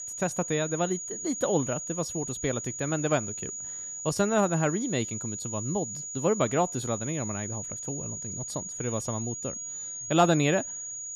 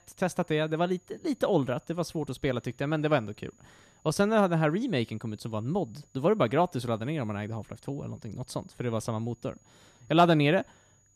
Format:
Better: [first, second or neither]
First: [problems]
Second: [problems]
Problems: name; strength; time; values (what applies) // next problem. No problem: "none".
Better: second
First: high-pitched whine; loud; throughout; 7 kHz, 5 dB below the speech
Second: high-pitched whine; faint; throughout; 7 kHz, 35 dB below the speech